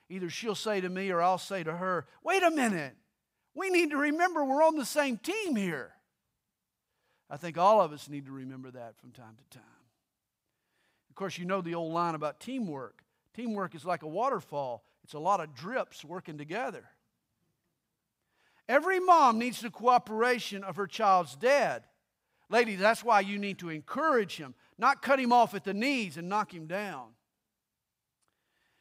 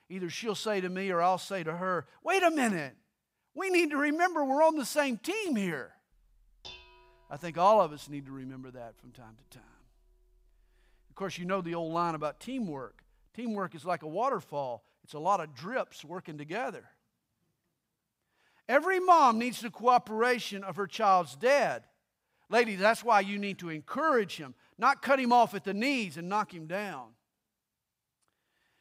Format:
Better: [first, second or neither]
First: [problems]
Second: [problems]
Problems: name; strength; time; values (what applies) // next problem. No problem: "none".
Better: first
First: none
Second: clattering dishes; faint; from 6.5 to 13 s; peak 20 dB below the speech